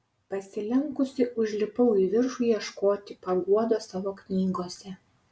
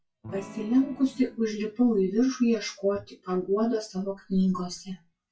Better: first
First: none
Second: noise reduction (classical method WPE with log-MMSE)

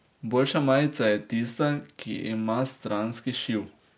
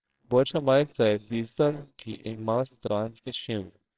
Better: first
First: none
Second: noise reduction (neural separator model SepFormer WHAMR!)

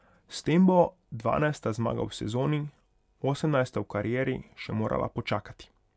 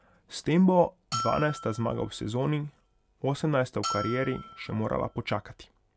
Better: first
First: none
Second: background sound (Bell); 10 dB below the speech

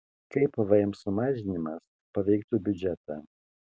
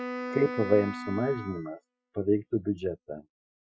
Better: first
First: none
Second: noise reduction (classical method Wiener filter)

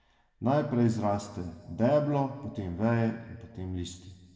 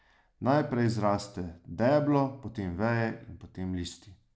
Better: second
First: room echo; dies away in 1.5 s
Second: none

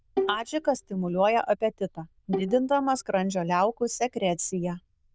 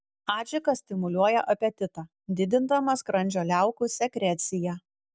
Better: second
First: noise reduction (neural diffusion model UNIVERSE++)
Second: none

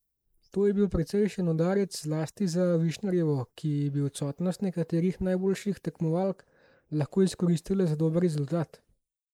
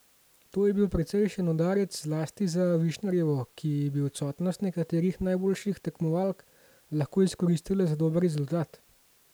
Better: second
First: noise reduction (neural mask model Resemble Enhance denoiser)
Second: none

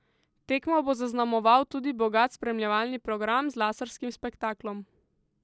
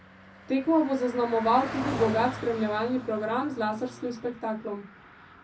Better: first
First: none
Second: background sound (Car passing by); 12 dB below the speech // room echo; dies away in 0.3 s

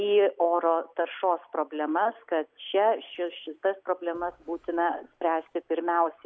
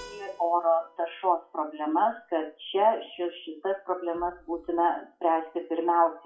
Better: first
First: none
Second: noise reduction (classical method WPE with log-MMSE)

